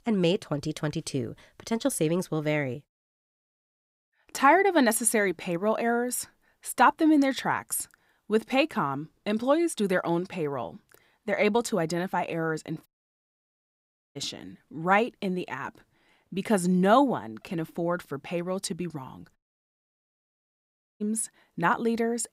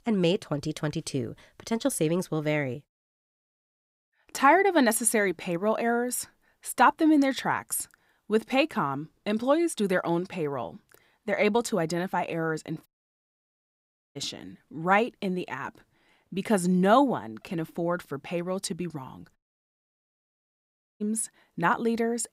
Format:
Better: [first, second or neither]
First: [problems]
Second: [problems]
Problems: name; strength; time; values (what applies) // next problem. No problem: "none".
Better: neither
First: audio cutting out; at 13 s for 1.5 s and at 19 s for 1.5 s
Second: audio cutting out; at 13 s for 1.5 s and at 19 s for 1.5 s